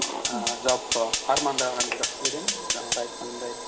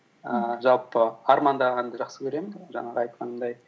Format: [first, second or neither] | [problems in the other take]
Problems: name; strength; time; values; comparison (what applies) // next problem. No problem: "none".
second | background sound (Fire); 1 dB above the speech